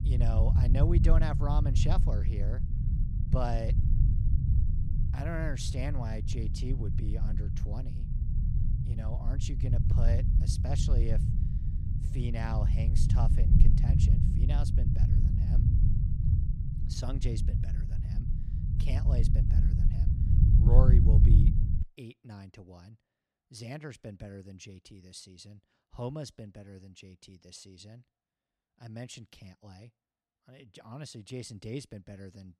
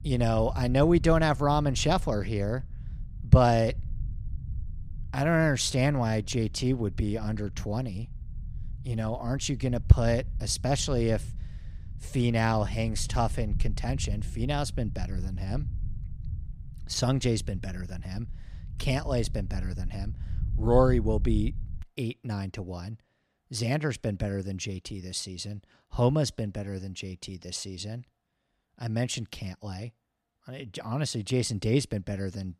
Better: second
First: low rumble; loud; until 22 s; 1 dB below the speech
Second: low rumble; faint; until 22 s; 25 dB below the speech

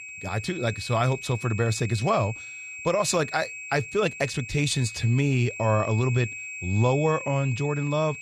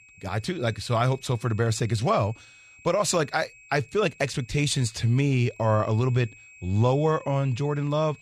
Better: second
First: high-pitched whine; loud; throughout; 2.5 kHz, 10 dB below the speech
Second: high-pitched whine; faint; throughout; 2.5 kHz, 25 dB below the speech

